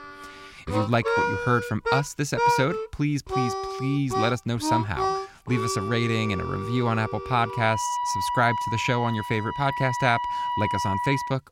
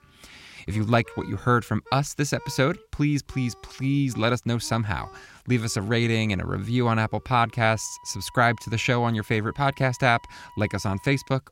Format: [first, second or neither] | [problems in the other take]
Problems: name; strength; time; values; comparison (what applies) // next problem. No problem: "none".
second | background music; loud; throughout; 2 dB below the speech; faint in the second